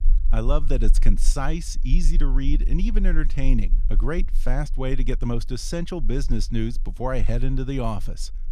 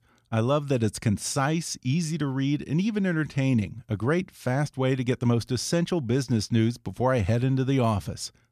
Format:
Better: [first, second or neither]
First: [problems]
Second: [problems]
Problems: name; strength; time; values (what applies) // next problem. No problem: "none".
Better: second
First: low rumble; faint; throughout; 20 dB below the speech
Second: none